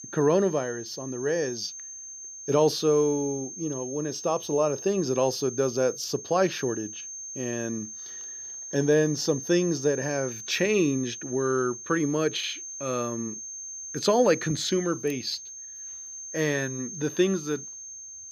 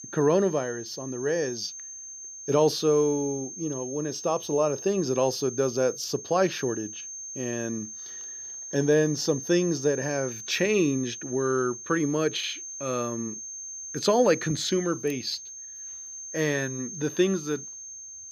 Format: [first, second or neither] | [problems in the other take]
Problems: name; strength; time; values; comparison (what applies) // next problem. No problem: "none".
neither | high-pitched whine; loud; throughout; 6.5 kHz, 10 dB below the speech; the same in both